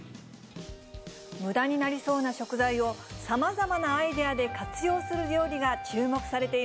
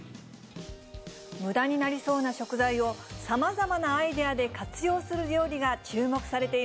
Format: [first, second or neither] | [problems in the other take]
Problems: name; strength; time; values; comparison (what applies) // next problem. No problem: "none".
second | background sound (Wind instrument, woodwind instrument); 11 dB below the speech